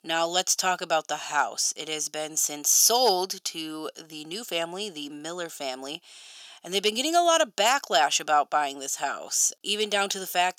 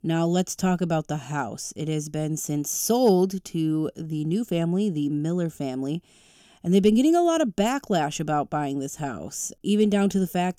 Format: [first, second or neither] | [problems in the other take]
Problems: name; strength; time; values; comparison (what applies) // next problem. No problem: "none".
second | thin; very; fading below 900 Hz